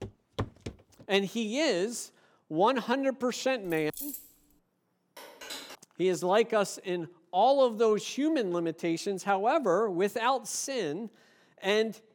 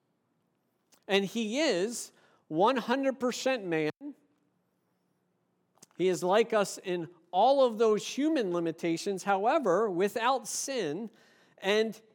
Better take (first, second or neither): second